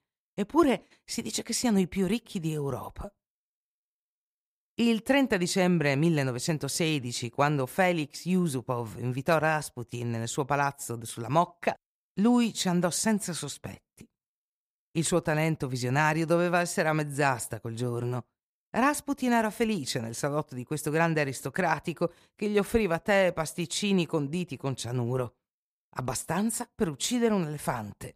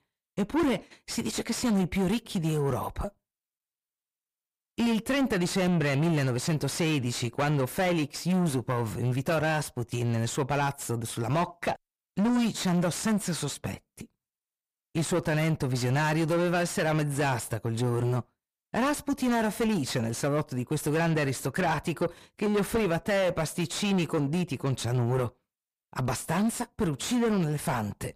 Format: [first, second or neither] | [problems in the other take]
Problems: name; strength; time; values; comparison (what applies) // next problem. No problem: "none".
first | distortion; heavy; 6 dB below the speech